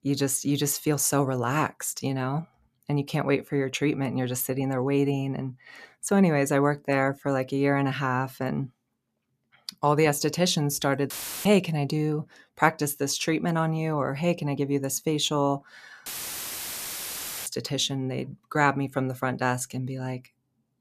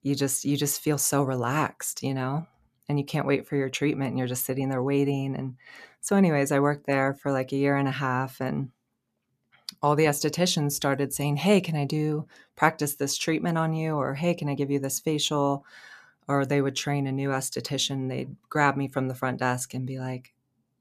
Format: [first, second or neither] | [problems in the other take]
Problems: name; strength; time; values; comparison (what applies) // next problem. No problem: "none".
second | audio cutting out; filled with static; at 11 s and at 16 s for 1.5 s